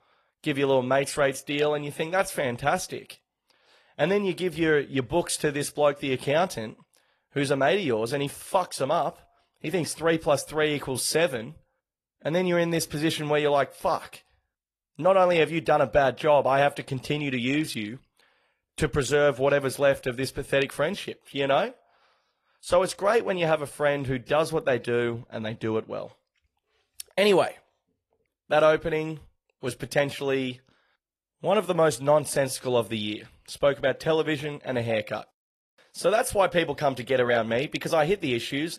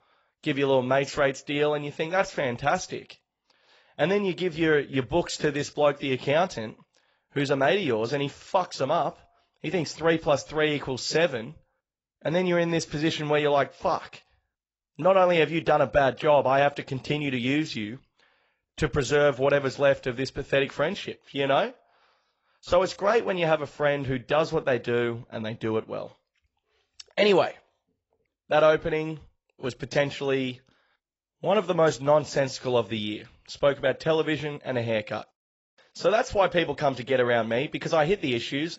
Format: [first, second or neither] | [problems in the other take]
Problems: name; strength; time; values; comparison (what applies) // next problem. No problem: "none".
first | garbled, watery; badly; nothing above 7.5 kHz; slightly in the first